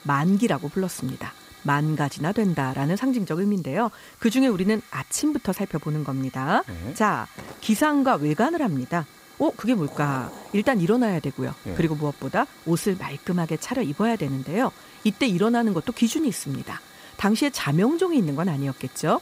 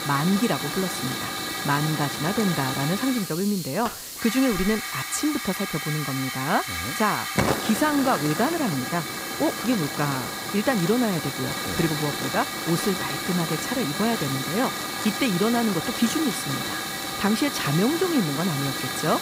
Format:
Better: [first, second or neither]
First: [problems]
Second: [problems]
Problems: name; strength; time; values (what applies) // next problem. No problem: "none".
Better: first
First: hiss; faint; throughout; 20 dB below the speech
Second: hiss; loud; throughout; 2 dB below the speech